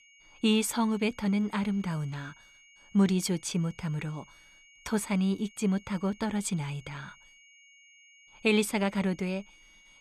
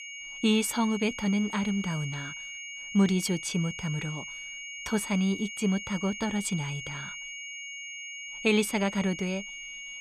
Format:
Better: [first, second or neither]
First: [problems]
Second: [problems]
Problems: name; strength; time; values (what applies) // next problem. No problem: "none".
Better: first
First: high-pitched whine; faint; throughout; 2.5 kHz, 25 dB below the speech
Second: high-pitched whine; loud; throughout; 2.5 kHz, 9 dB below the speech